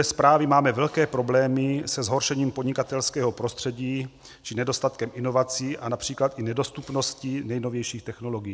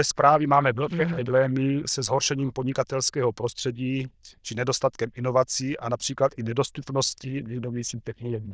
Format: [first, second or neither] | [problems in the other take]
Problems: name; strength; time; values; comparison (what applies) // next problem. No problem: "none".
first | noise reduction (neural diffusion model UNIVERSE++)